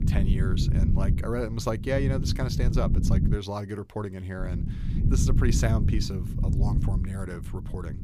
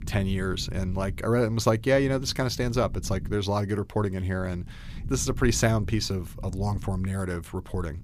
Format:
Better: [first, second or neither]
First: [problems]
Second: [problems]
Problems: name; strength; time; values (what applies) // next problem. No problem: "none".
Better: second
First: low rumble; loud; until 3.5 s and from 4.5 s on; 5 dB below the speech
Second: low rumble; faint; until 3.5 s and from 4.5 s on; 20 dB below the speech